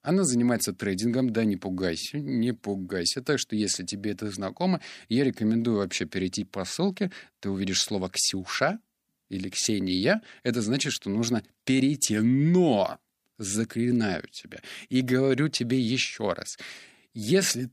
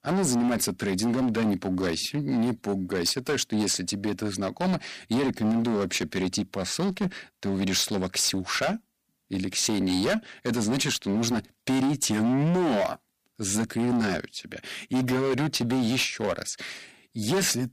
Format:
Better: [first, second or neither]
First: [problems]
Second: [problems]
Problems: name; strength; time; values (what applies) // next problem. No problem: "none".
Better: first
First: none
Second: distortion; heavy; 16% of the sound clipped